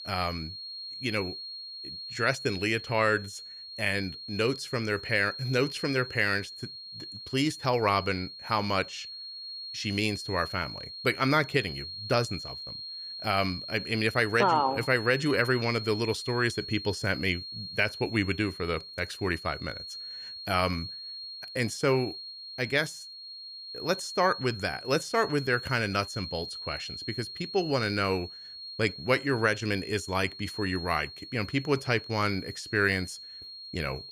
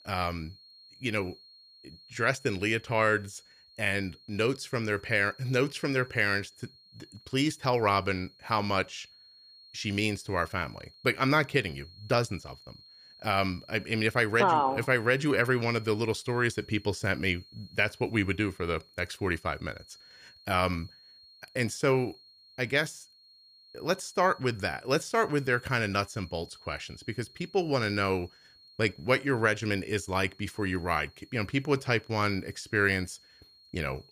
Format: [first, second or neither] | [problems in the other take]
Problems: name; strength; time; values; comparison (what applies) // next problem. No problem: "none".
second | high-pitched whine; loud; throughout; 4.5 kHz, 10 dB below the speech; faint in the second